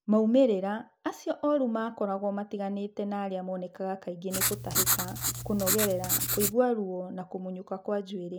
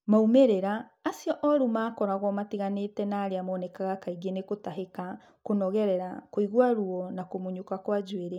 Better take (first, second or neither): second